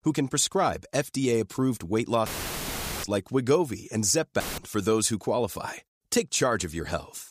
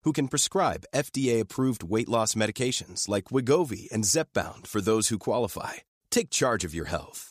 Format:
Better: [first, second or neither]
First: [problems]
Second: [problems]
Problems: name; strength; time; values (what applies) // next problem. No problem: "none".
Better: second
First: audio cutting out; filled with static; at 2.5 s for 1 s and at 4.5 s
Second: none